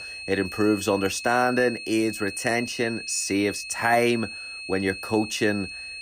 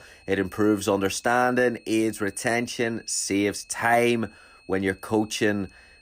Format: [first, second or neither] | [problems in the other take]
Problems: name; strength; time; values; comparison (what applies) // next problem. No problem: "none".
second | high-pitched whine; loud; throughout; 2.5 kHz, 9 dB below the speech; faint in the second